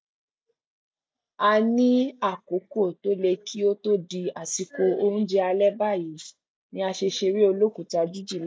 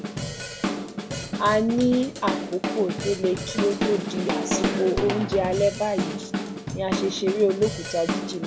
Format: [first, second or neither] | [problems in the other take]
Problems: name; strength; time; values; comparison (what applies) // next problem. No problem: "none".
first | background sound (Drum kit); 3 dB below the speech